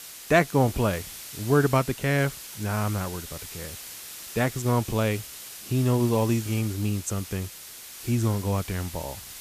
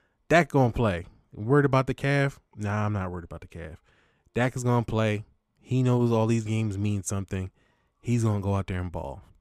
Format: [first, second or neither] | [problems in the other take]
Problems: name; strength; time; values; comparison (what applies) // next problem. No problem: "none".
second | hiss; noticeable; throughout; 10 dB below the speech